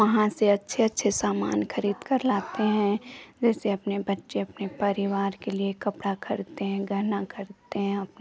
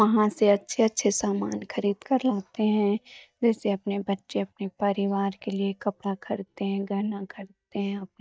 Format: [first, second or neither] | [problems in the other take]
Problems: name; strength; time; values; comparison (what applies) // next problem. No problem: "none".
first | noise reduction (neural mask model DeepFilterNet 3)